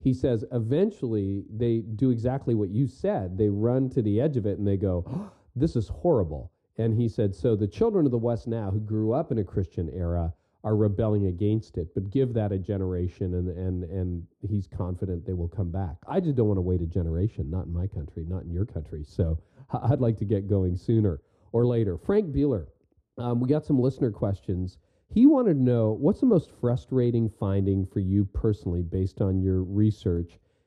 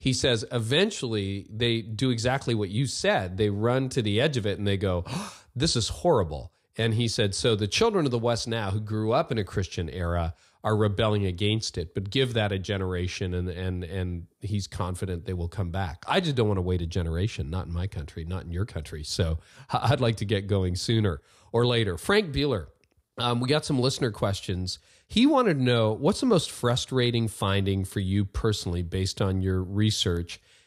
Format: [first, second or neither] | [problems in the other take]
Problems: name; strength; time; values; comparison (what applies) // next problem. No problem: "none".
second | muffled; very; fading above 1 kHz